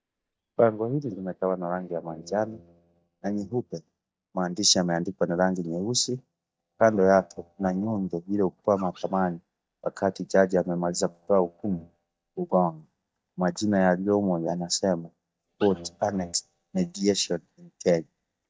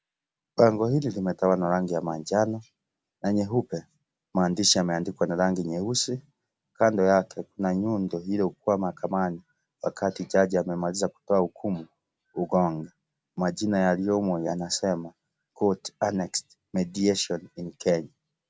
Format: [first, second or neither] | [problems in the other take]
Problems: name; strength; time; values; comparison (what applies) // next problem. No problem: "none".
second | noise reduction (neural mask model DeepFilterNet 3)